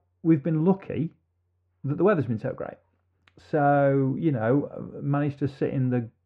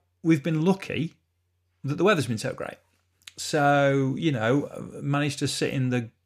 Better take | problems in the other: second | muffled; very; fading above 3.5 kHz

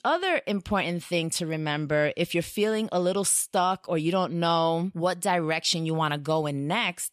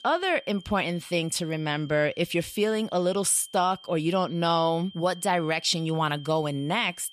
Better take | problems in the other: first | high-pitched whine; faint; throughout; 3 kHz, 20 dB below the speech

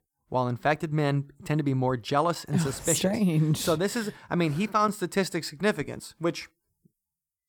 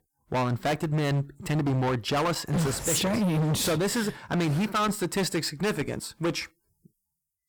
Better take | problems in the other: first | distortion; heavy; 21% of the sound clipped

